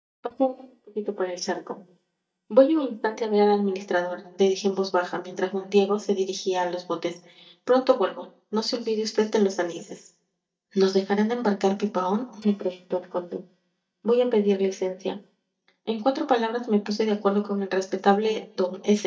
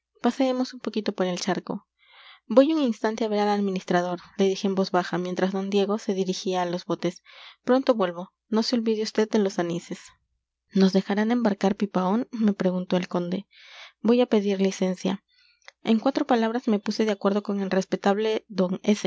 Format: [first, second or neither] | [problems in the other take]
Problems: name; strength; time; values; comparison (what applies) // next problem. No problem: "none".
second | noise reduction (neural mask model DeepFilterNet 3)